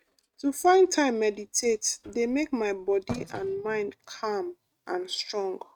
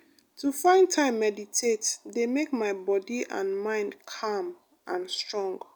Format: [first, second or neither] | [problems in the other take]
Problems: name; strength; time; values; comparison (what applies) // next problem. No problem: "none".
second | noise reduction (neural mask model RNNoise)